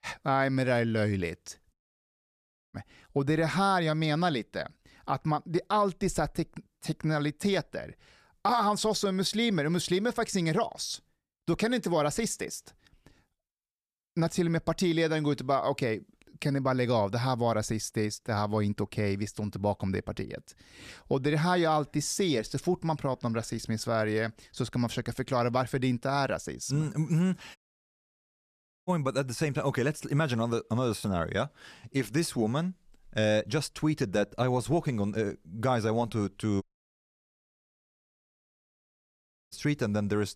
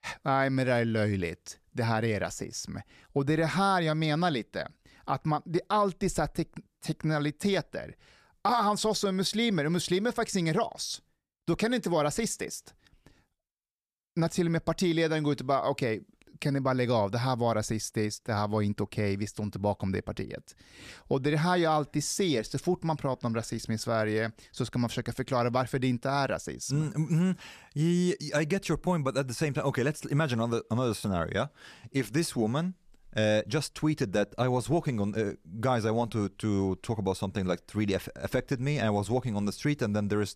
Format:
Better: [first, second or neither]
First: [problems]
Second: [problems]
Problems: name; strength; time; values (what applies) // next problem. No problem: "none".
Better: second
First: audio cutting out; at 1.5 s for 1 s, at 28 s for 1.5 s and at 37 s for 3 s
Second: none